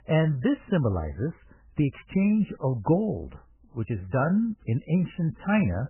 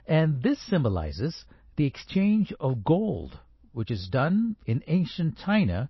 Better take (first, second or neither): second